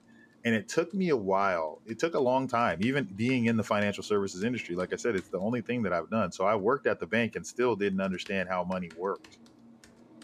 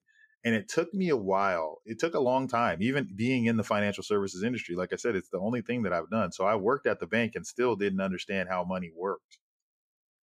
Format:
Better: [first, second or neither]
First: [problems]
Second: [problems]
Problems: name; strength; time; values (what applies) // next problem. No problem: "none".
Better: second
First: household noises; faint; throughout; 25 dB below the speech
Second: none